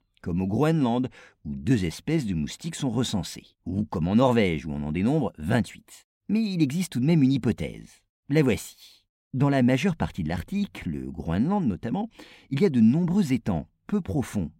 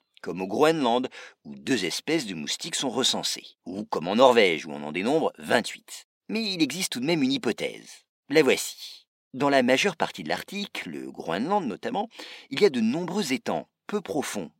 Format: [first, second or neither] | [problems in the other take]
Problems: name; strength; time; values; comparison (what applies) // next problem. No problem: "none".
first | thin; somewhat; fading below 450 Hz